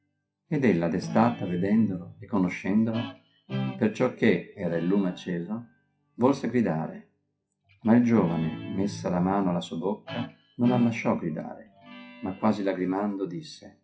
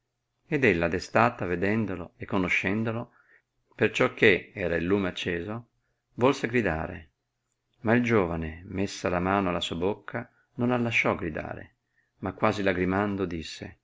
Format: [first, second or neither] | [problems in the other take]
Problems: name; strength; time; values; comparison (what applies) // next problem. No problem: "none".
second | noise reduction (classical method WPE with log-MMSE)